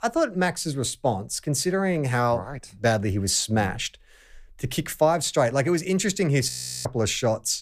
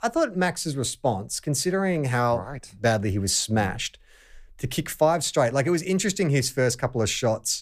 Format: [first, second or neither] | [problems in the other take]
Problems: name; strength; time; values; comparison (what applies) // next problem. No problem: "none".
second | audio freezing; at 6.5 s